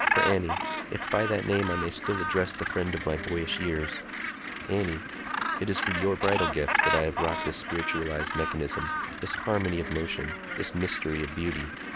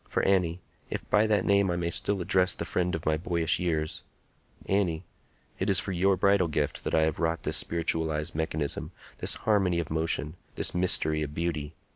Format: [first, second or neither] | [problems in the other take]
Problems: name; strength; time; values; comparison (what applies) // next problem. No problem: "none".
second | background sound (Gull, seagull); 1 dB below the speech